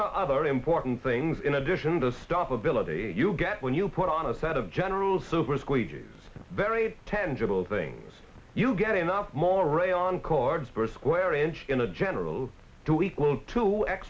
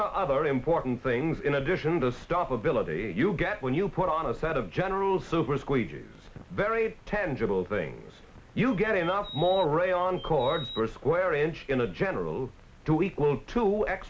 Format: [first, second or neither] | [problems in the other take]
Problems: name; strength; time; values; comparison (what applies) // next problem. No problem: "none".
first | background sound (Bird vocalization, bird call, bird song); 15 dB below the speech